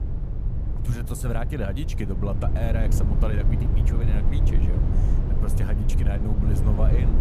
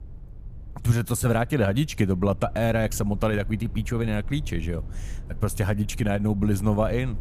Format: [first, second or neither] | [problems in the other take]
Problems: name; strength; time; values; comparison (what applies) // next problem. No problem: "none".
second | low rumble; loud; throughout; 3 dB below the speech; faint in the second